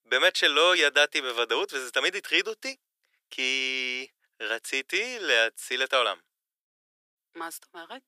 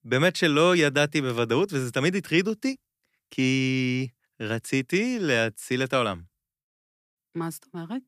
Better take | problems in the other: second | thin; very; fading below 450 Hz

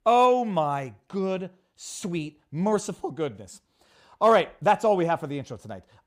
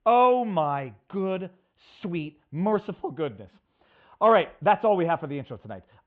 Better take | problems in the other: first | muffled; very; fading above 3 kHz

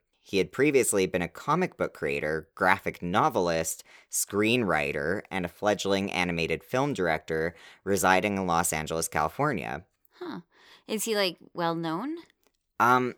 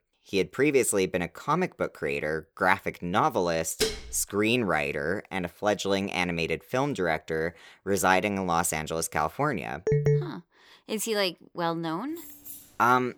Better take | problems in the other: first | clattering dishes; noticeable; at 4 s; peak 2 dB below the speech // phone ringing; loud; at 10 s; peak 3 dB above the speech // jangling keys; faint; at 12 s; peak 15 dB below the speech

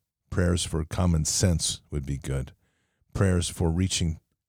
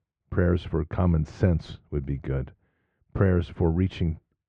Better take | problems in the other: first | muffled; very; fading above 2 kHz

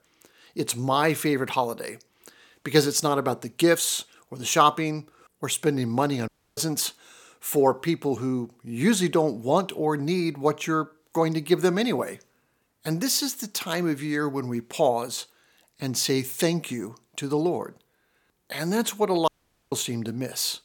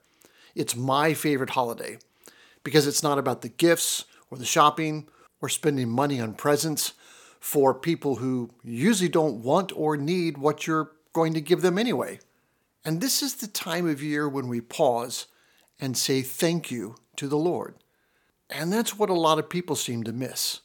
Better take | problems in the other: second | audio cutting out; at 6.5 s and at 19 s

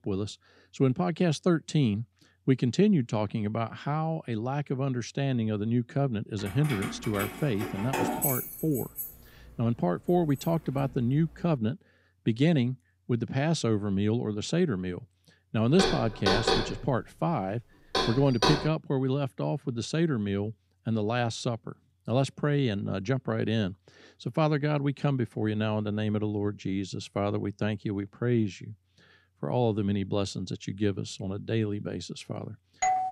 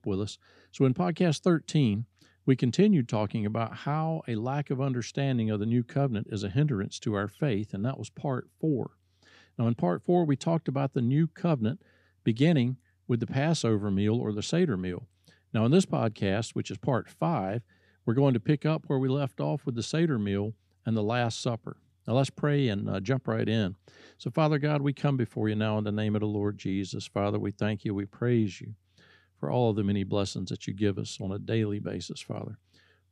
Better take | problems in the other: second | jangling keys; loud; from 6.5 to 11 s; peak 2 dB above the speech // door banging; loud; from 16 to 19 s; peak 4 dB above the speech // doorbell; loud; at 33 s; peak 2 dB above the speech

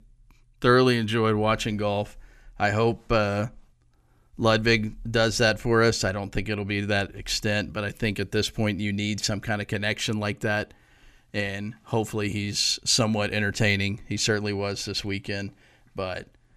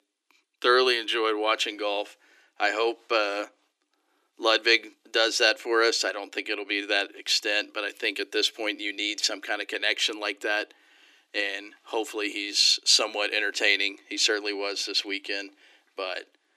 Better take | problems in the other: first | thin; very; fading below 300 Hz

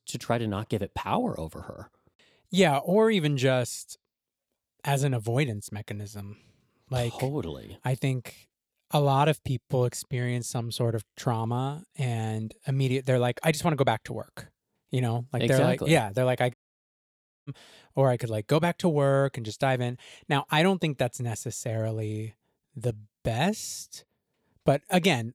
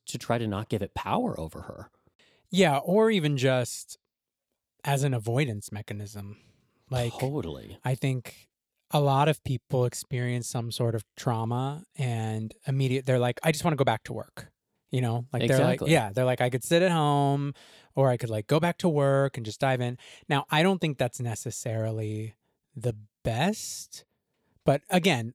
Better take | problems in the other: second | audio cutting out; at 17 s for 1 s

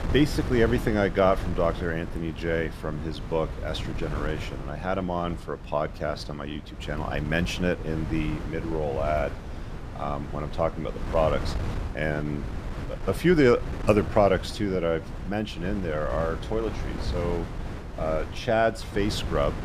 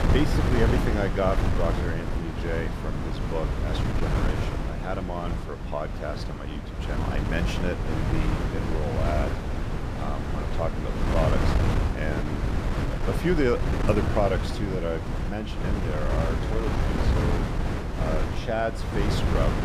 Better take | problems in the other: first | wind noise on the microphone; heavy; 2 dB below the speech; occasional gusts in the first

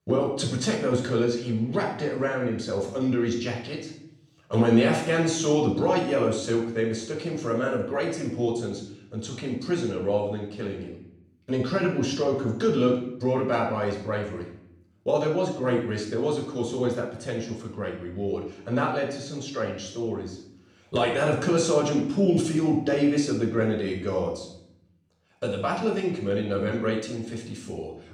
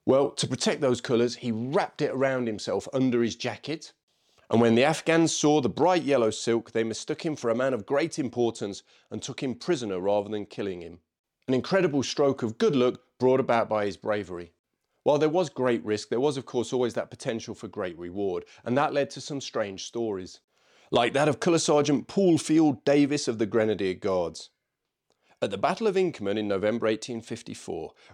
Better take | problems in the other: second | off-mic speech; far // room echo; noticeable; dies away in 0.7 s

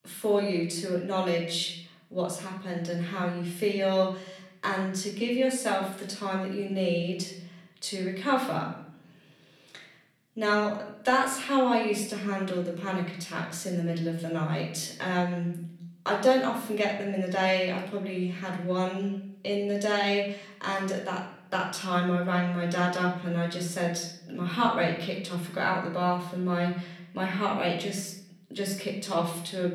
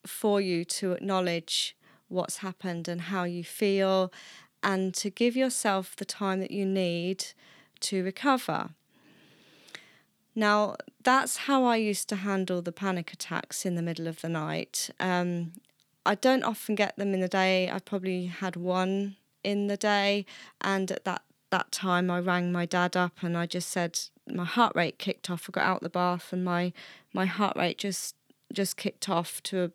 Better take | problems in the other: second | off-mic speech; far // room echo; noticeable; dies away in 0.7 s

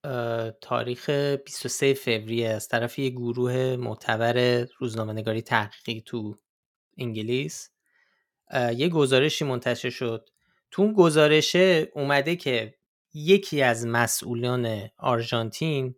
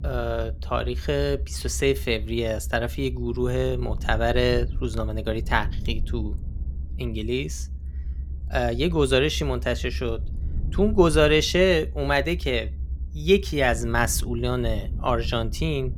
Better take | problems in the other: first | low rumble; faint; throughout; 25 dB below the speech

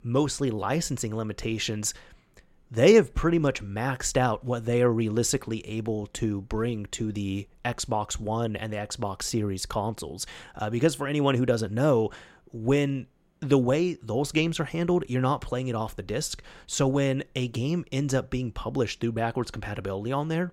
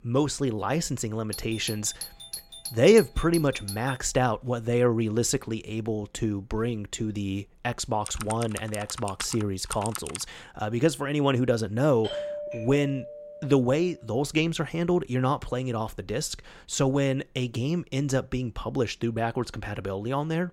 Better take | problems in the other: first | doorbell; noticeable; from 1.5 to 4 s and from 12 to 14 s; peak 6 dB below the speech // keyboard typing; noticeable; from 8 to 10 s; peak 7 dB below the speech

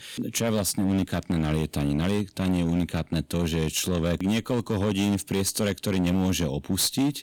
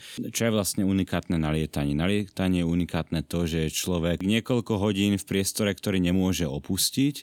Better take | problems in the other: second | distortion; slight; 11% of the sound clipped

